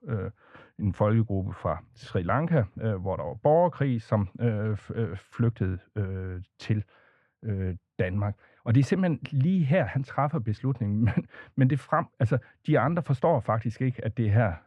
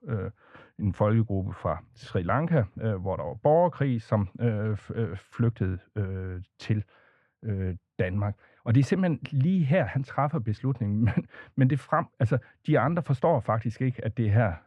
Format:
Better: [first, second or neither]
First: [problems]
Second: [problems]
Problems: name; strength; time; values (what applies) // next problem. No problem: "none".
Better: neither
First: muffled; very; fading above 3.5 kHz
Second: muffled; very; fading above 3.5 kHz